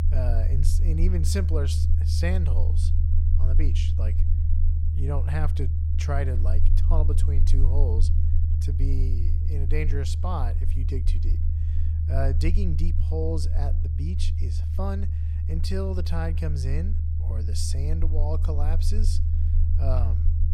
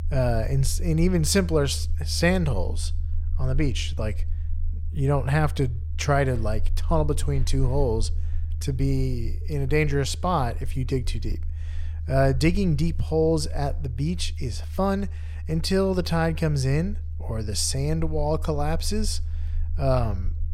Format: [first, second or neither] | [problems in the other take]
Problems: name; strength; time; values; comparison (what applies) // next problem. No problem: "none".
second | low rumble; loud; throughout; 6 dB below the speech; faint in the second